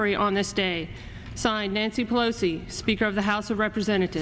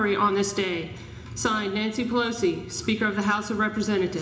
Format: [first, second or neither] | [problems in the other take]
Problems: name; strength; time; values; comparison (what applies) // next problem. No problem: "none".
first | room echo; dies away in 0.8 s